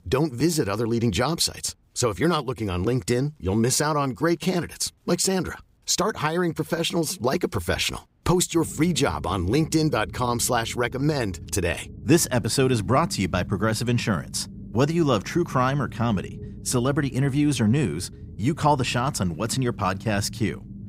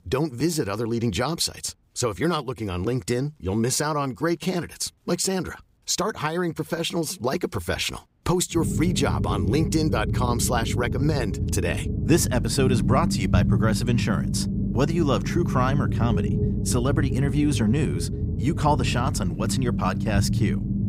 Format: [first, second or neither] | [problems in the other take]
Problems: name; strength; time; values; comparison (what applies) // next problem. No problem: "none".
first | low rumble; loud; from 8.5 s on; 8 dB below the speech; faint in the first